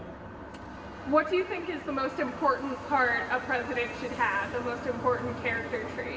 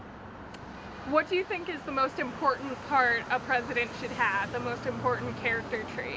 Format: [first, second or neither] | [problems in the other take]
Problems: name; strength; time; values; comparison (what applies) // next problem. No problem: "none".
second | room echo; dies away in 2 s